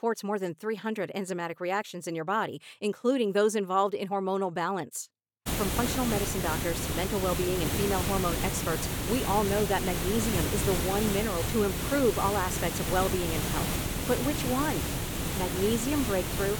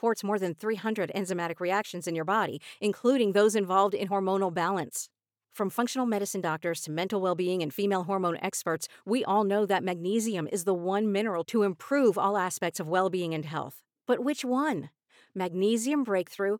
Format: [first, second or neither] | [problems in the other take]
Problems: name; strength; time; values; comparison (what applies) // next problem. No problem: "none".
second | hiss; loud; from 5.5 s on; 1 dB below the speech